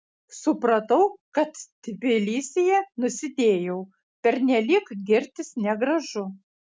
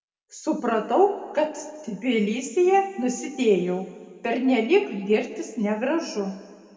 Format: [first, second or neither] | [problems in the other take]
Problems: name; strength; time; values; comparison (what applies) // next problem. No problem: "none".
first | room echo; dies away in 1.8 s